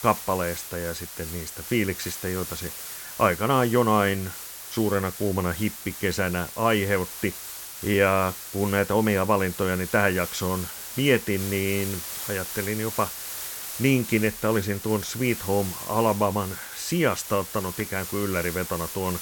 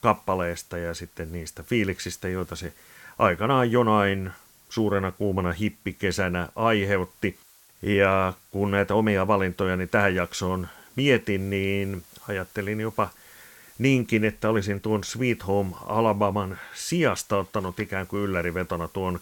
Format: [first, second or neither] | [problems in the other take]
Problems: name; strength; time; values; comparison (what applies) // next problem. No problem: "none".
second | hiss; loud; throughout; 9 dB below the speech; faint in the second